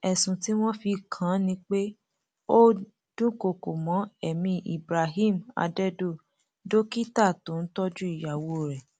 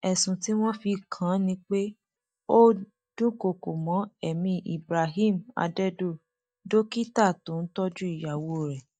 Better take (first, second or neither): first